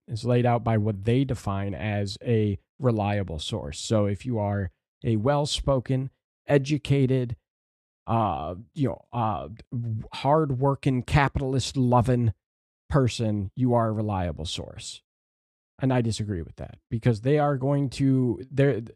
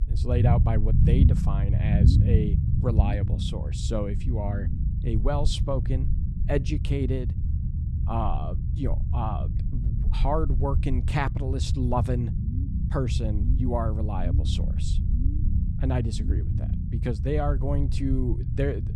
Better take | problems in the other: first | low rumble; loud; throughout; 7 dB below the speech

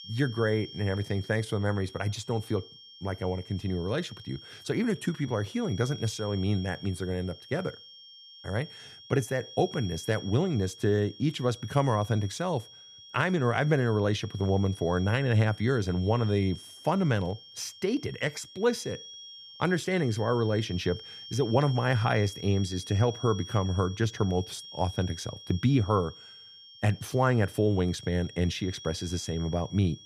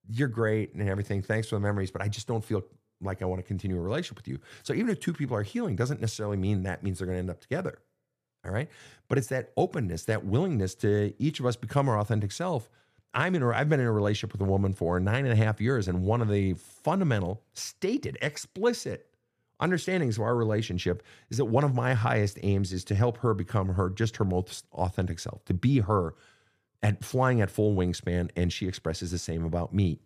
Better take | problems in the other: second | high-pitched whine; noticeable; throughout; 3 kHz, 15 dB below the speech

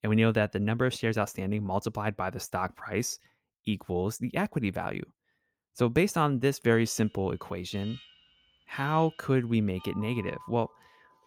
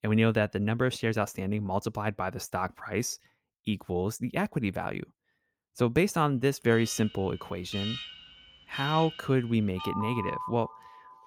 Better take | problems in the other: first | alarms or sirens; loud; from 7 s on; 9 dB below the speech; faint in the first

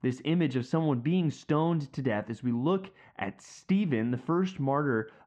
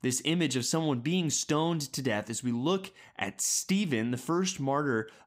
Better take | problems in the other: second | muffled; very; fading above 2 kHz

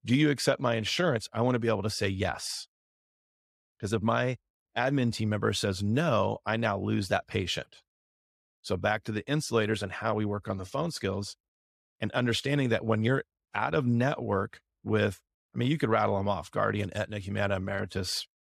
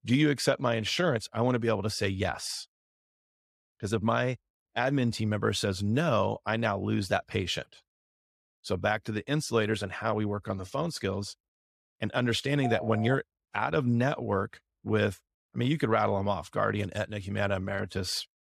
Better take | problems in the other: first | phone ringing; noticeable; at 13 s; peak 7 dB below the speech

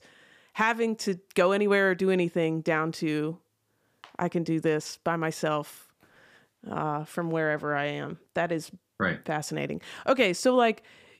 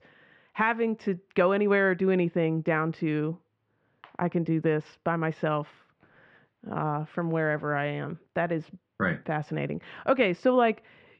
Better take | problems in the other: first | muffled; very; fading above 2.5 kHz

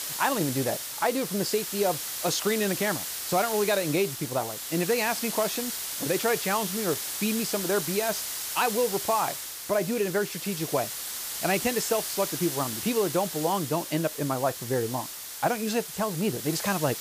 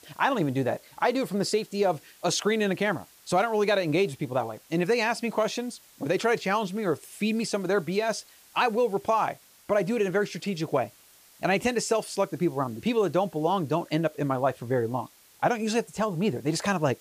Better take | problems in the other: second | hiss; loud; throughout; 4 dB below the speech; faint in the second

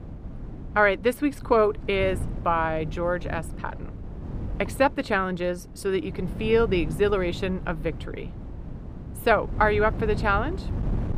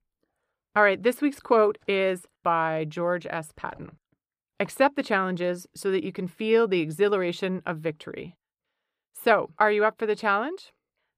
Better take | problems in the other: second | wind noise on the microphone; occasional gusts; 20 dB below the speech

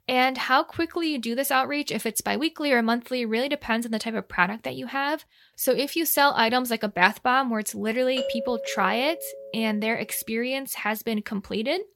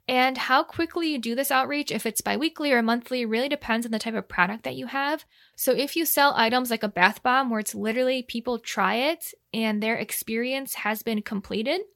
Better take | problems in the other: second | doorbell; noticeable; from 8 to 10 s; peak 5 dB below the speech

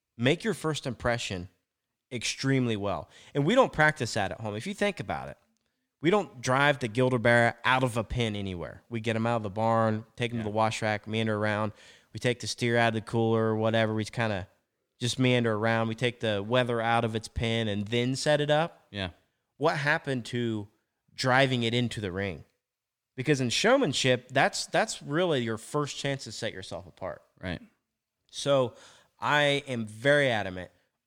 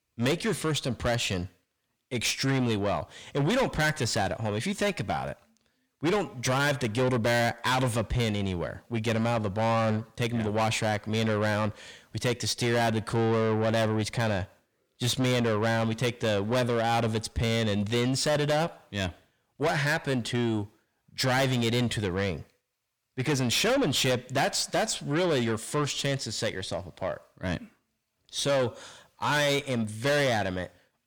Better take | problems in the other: first | distortion; heavy; 6 dB below the speech

